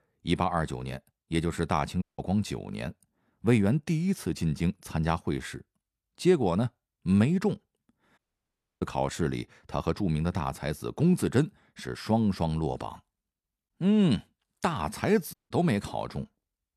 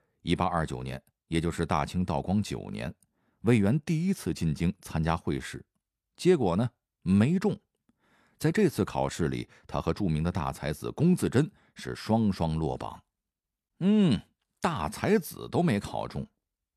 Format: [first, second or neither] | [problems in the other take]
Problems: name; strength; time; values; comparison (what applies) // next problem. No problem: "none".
second | audio cutting out; at 2 s, at 8 s for 0.5 s and at 15 s